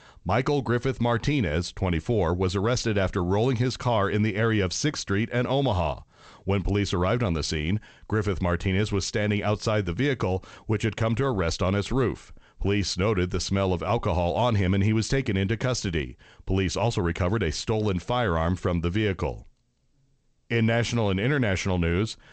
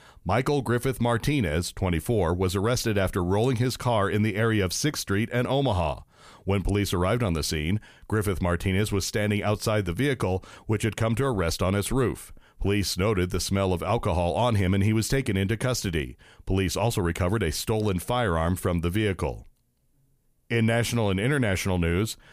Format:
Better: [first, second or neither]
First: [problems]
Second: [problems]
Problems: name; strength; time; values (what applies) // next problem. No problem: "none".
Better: second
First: garbled, watery; slightly; nothing above 8 kHz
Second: none